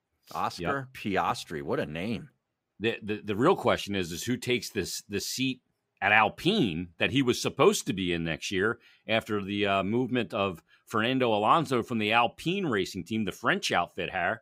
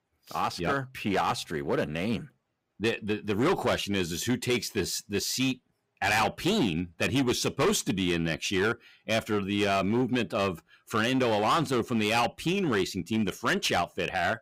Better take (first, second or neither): first